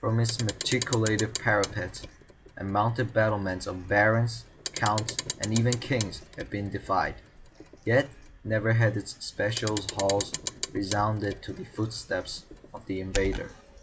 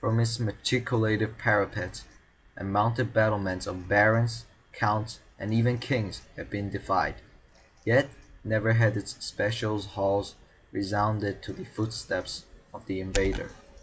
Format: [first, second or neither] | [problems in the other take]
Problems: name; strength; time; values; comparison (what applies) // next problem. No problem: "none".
second | background sound (Clock); 11 dB below the speech